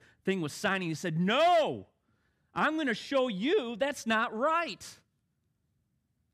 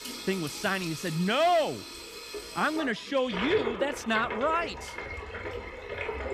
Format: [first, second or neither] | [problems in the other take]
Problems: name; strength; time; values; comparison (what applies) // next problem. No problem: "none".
first | household noises; loud; throughout; 8 dB below the speech